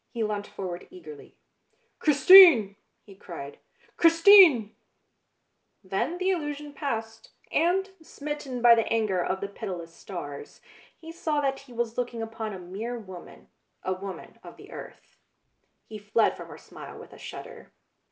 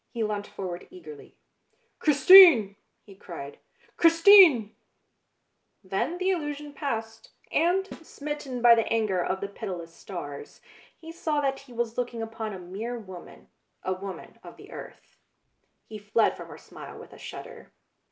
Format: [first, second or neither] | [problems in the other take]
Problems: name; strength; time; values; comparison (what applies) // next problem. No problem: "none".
first | background sound (Snare drum); 20 dB below the speech